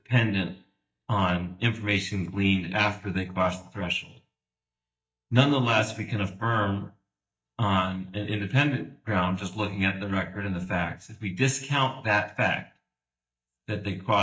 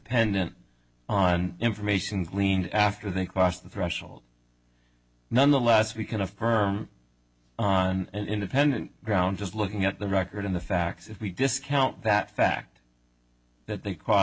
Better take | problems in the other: second | noise reduction (neural mask model DeepFilterNet 3)

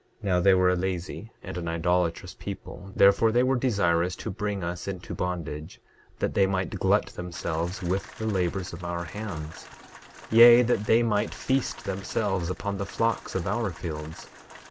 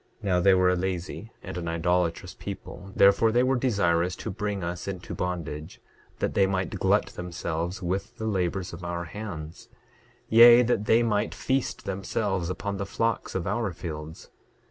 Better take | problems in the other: second | background sound (Rain); 19 dB below the speech

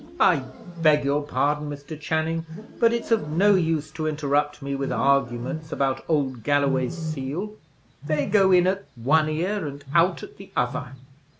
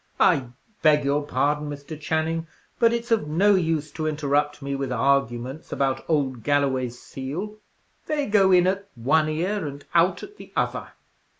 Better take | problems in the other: second | background sound (Wild animals); 12 dB below the speech

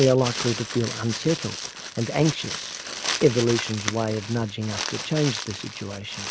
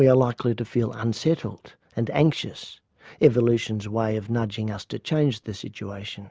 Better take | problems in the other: second | background sound (Crumpling, crinkling); 7 dB below the speech

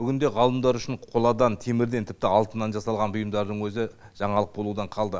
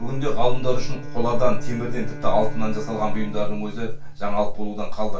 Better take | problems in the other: first | background sound (Bowed string instrument); 20 dB below the speech // room echo; dies away in 0.2 s

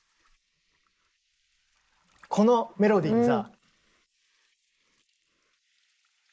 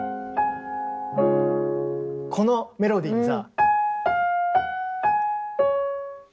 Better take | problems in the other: second | noise reduction (neural mask model Resemble Enhance denoiser)

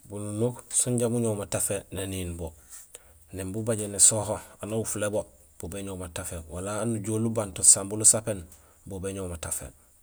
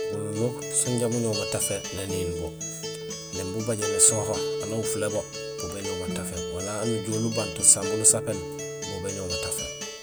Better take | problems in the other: first | background sound (Acoustic guitar); 4 dB below the speech

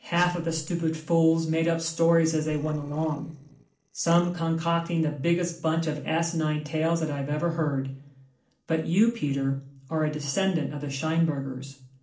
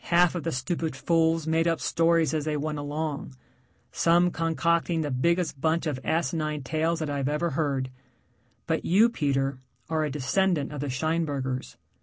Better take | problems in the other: second | noise reduction (neural separator model SepFormer DNS4)

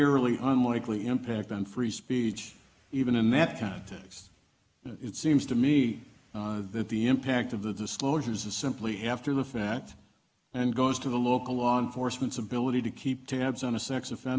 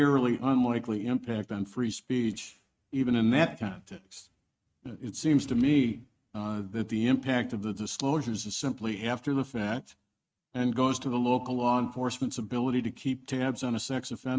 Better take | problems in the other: first | noise reduction (neural mask model RNNoise)

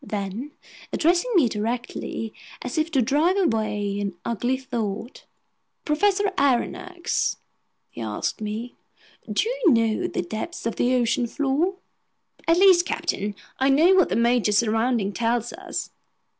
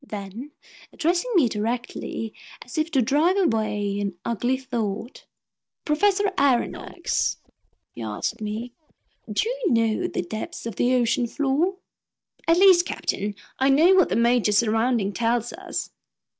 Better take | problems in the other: first | noise reduction (neural mask model DeepFilterNet 3)

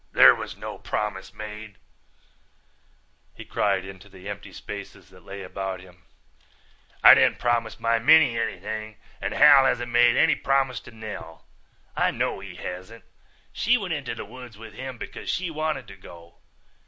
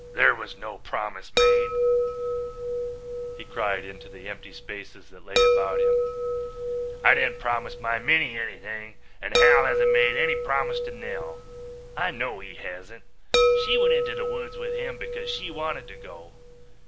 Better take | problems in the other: first | background sound (Chime); 3 dB above the speech

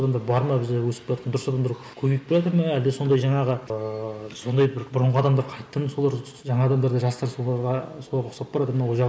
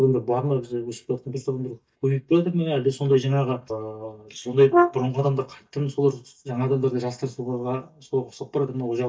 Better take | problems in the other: first | noise reduction (neural mask model DeepFilterNet 3)

